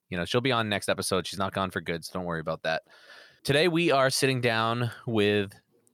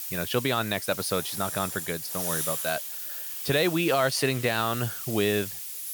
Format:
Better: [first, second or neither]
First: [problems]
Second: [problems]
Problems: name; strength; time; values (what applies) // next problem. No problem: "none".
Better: first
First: none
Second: hiss; loud; throughout; 5 dB below the speech